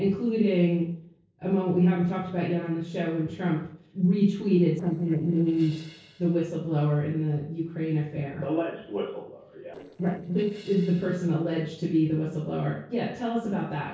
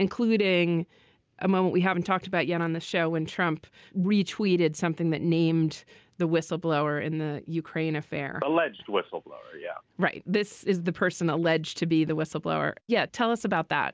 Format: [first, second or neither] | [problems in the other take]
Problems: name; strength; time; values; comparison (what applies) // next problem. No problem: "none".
second | noise reduction (neural separator model SepFormer DNS4)